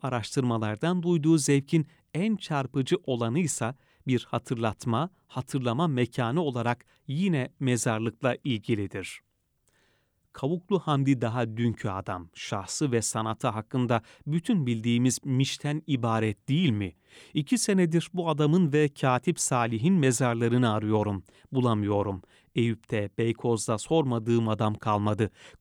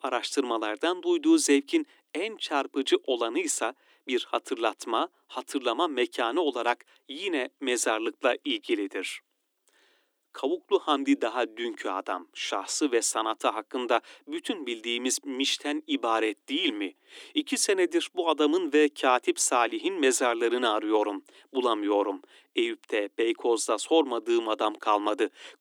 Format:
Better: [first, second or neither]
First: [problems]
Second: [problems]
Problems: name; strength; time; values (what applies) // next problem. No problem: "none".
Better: first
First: none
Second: thin; somewhat; fading below 300 Hz